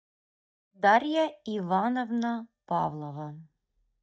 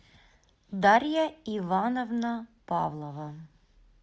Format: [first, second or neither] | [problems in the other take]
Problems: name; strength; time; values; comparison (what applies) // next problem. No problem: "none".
second | noise reduction (neural mask model DeepFilterNet 3)